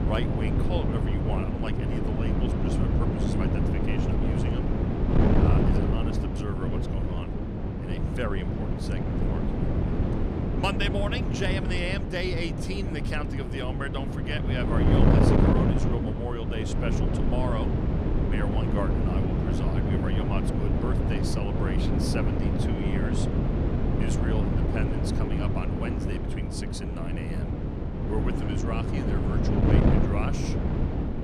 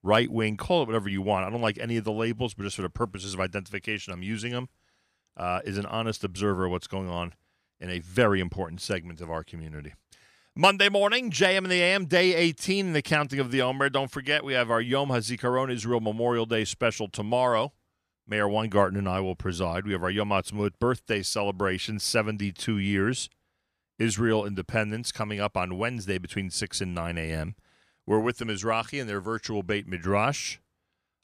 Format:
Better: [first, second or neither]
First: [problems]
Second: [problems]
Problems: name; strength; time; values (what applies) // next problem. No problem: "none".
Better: second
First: wind noise on the microphone; heavy; 2 dB above the speech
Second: none